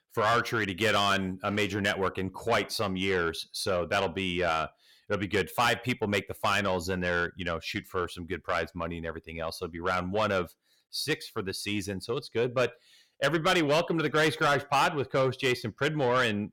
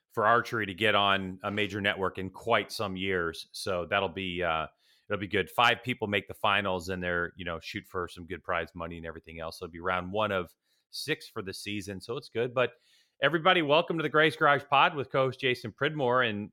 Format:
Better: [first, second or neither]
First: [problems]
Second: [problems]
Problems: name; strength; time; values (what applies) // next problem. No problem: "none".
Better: second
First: distortion; heavy; 8 dB below the speech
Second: none